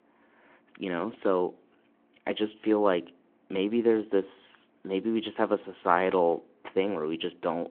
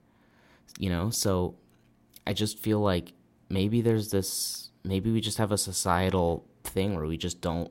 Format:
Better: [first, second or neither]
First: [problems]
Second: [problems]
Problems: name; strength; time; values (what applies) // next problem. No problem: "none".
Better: second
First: phone-call audio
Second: none